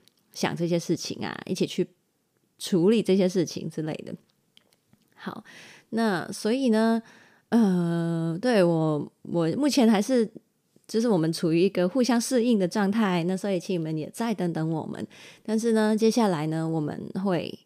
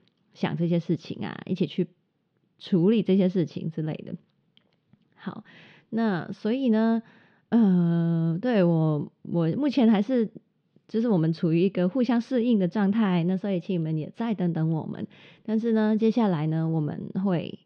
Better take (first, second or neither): first